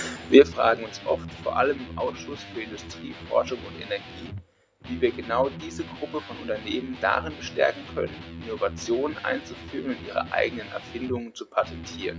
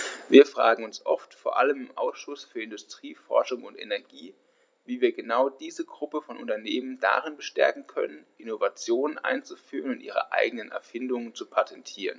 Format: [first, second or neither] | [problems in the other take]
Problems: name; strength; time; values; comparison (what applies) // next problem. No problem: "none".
second | background sound (Electric guitar); 13 dB below the speech